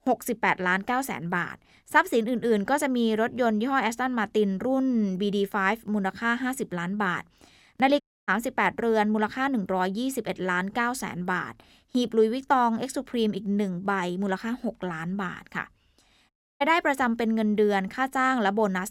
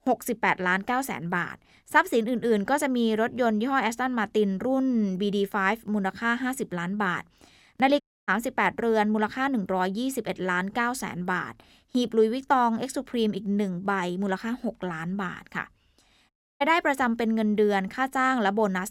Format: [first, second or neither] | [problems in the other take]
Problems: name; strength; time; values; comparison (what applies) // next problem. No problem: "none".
neither | audio cutting out; at 8 s and at 16 s; the same in both